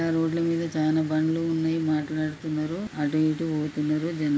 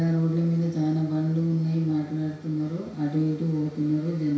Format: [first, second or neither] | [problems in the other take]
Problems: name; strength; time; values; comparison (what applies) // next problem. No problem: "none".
first | room echo; dies away in 0.6 s